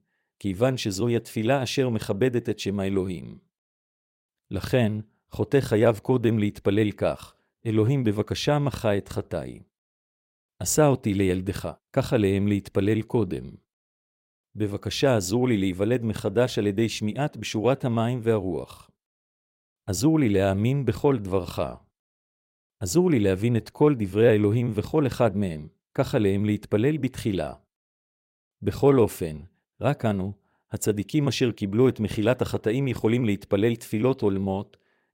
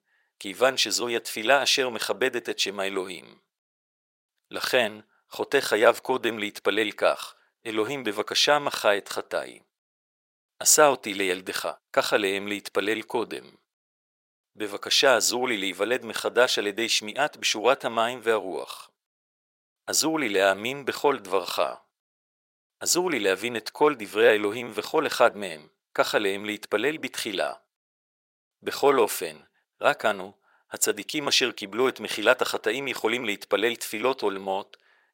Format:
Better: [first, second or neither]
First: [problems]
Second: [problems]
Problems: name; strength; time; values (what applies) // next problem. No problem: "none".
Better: first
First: none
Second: thin; very; fading below 650 Hz